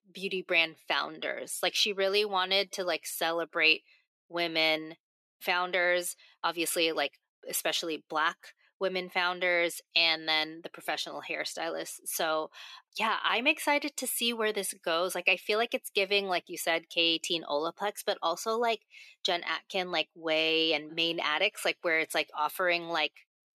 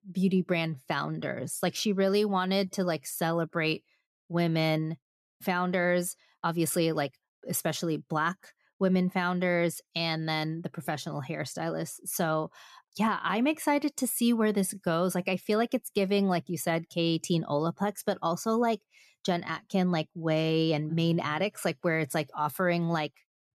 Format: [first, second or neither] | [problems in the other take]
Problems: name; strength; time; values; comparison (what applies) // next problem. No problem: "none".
second | thin; very; fading below 350 Hz